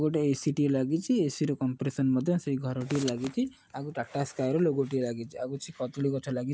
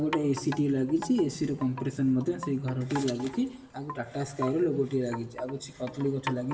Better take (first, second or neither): first